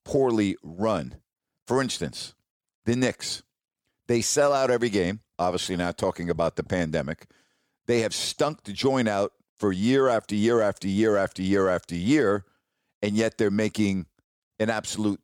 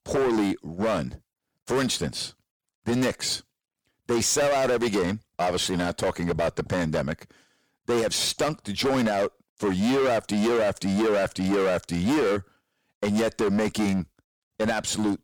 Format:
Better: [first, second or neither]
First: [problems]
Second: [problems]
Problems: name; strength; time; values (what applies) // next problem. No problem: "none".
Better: first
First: none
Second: distortion; heavy; 18% of the sound clipped